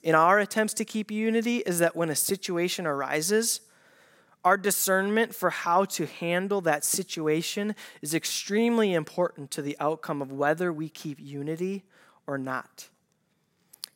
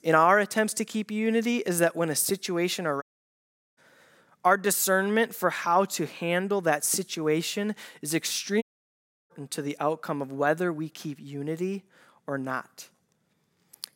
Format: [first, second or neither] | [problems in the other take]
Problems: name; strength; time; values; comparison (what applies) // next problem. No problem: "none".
first | audio cutting out; at 3 s for 1 s and at 8.5 s for 0.5 s